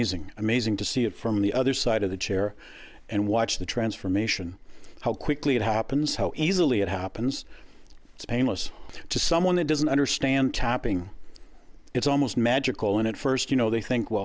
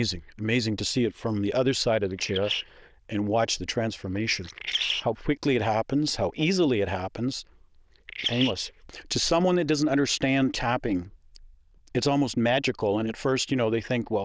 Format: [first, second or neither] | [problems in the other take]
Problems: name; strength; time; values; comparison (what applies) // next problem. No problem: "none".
first | noise reduction (neural diffusion model UNIVERSE++)